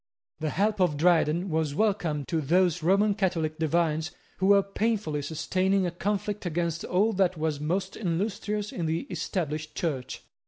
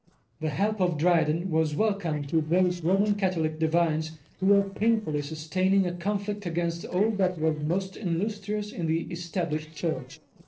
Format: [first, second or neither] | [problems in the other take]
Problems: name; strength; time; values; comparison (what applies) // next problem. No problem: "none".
first | noise reduction (neural separator model SepFormer DNS4)